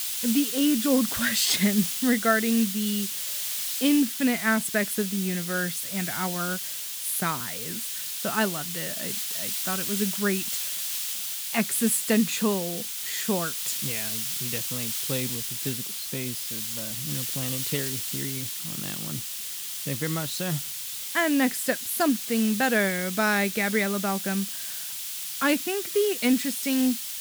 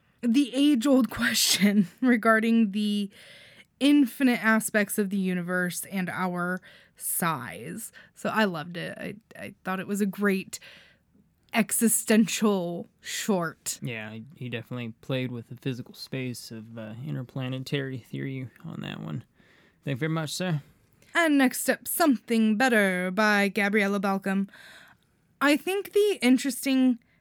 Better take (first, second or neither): second